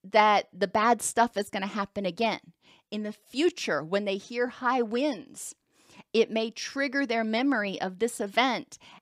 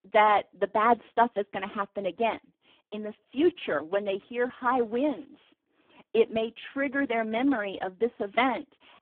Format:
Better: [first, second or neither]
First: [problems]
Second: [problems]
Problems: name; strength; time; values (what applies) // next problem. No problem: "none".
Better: first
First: none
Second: phone-call audio; poor line